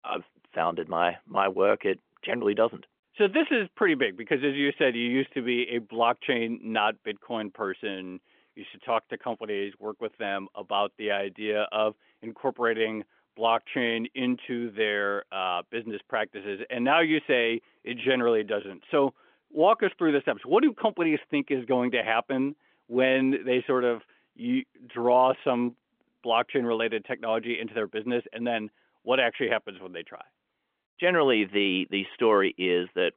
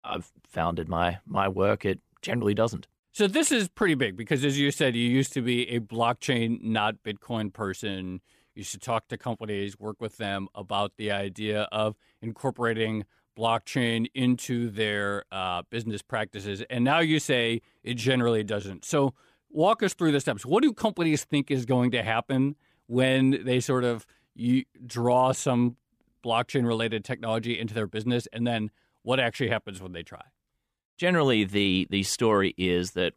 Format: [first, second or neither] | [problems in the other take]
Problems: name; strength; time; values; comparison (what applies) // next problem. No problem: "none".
second | phone-call audio; nothing above 3.5 kHz